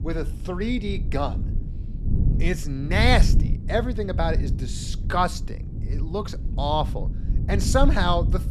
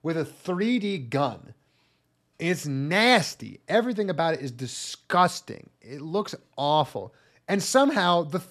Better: second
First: low rumble; noticeable; throughout; 15 dB below the speech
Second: none

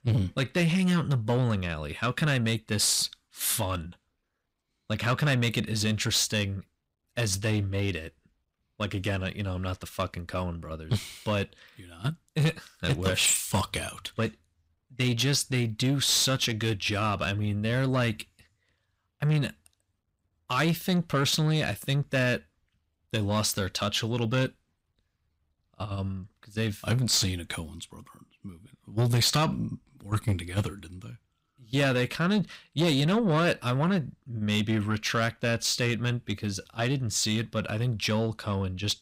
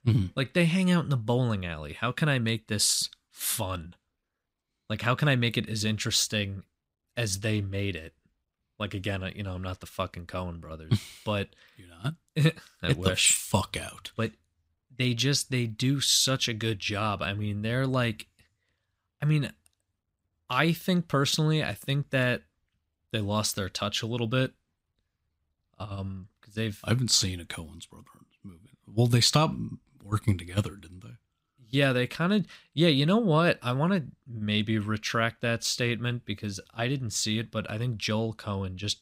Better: second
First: distortion; slight; 10 dB below the speech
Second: none

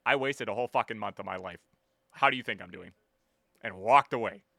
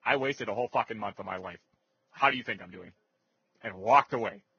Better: first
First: none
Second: garbled, watery; badly; nothing above 6.5 kHz

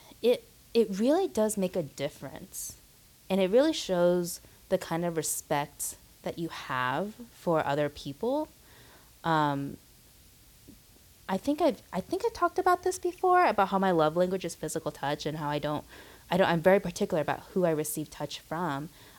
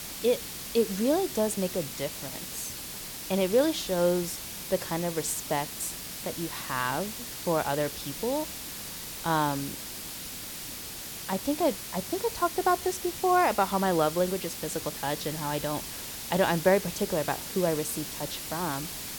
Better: first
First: hiss; faint; throughout; 25 dB below the speech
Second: hiss; loud; throughout; 7 dB below the speech

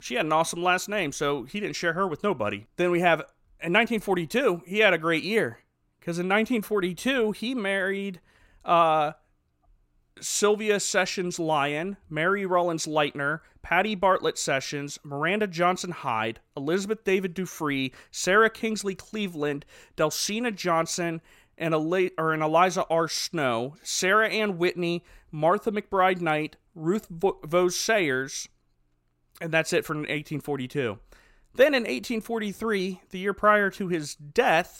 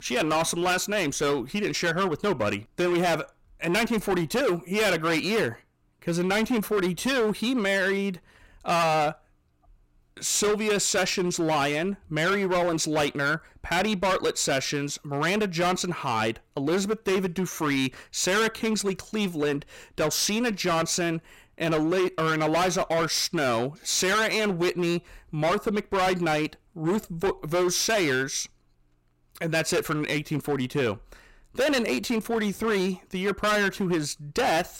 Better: first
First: none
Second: distortion; heavy; 17% of the sound clipped

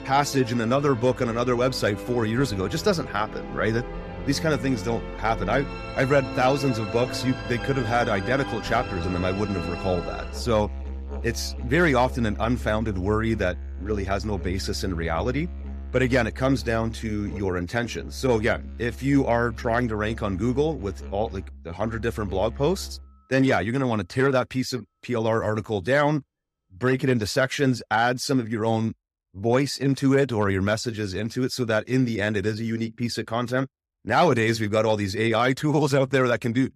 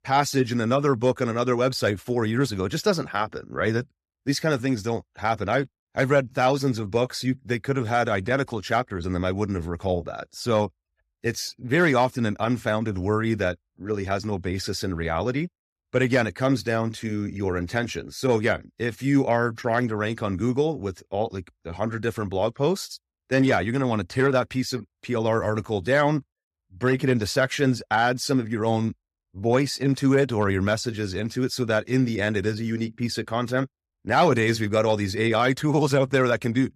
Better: second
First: background music; noticeable; until 28 s; 10 dB below the speech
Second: none

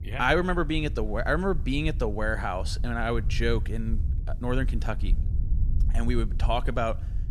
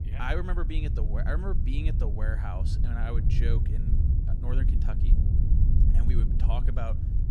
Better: first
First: low rumble; faint; throughout; 20 dB below the speech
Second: low rumble; loud; throughout; 5 dB below the speech

